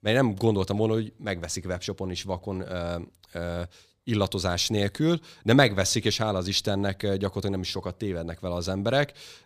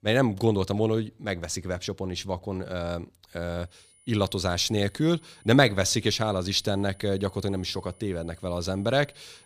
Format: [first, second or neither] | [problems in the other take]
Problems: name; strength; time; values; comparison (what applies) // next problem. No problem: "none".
first | high-pitched whine; faint; from 3.5 s on; 9.5 kHz, 30 dB below the speech